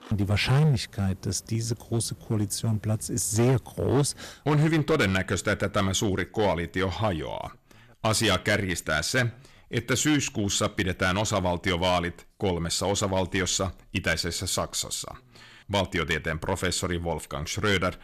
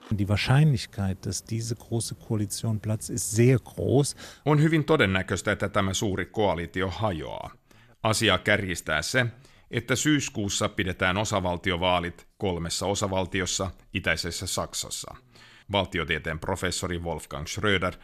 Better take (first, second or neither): second